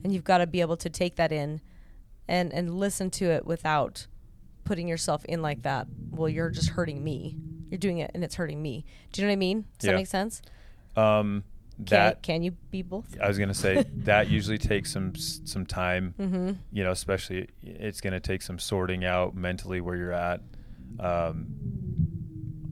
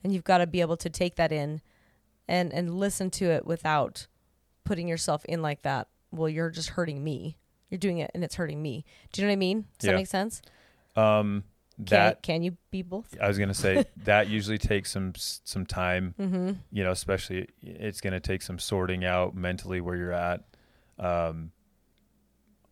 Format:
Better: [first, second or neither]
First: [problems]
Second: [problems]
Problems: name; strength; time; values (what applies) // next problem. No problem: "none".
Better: second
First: low rumble; noticeable; throughout; 20 dB below the speech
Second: none